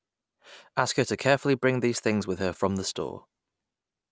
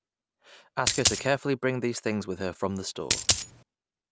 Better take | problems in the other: first | background sound (Coin (dropping)); 4 dB above the speech

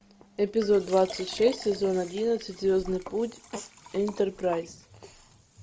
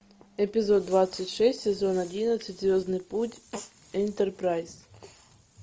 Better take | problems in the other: second | background sound (Liquid); 18 dB below the speech

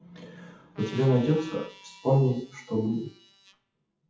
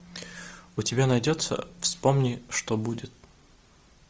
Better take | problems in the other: second | noise reduction (classical method WPE with log-MMSE)

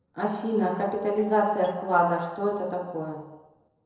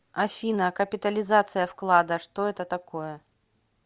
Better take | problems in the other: second | noise reduction (neural separator model SepFormer DNS4)

